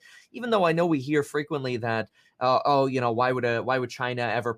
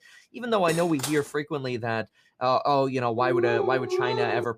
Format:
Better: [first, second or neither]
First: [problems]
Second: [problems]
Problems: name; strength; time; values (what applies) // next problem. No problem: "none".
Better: first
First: none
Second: clattering dishes; noticeable; at 0.5 s; peak 7 dB below the speech // dog barking; loud; from 3 s on; peak level with the speech